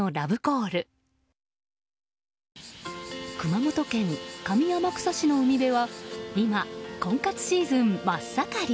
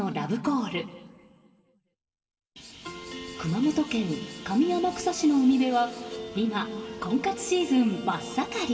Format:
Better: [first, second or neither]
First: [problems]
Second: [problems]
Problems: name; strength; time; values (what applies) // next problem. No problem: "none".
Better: first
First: none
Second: room echo; dies away in 2.3 s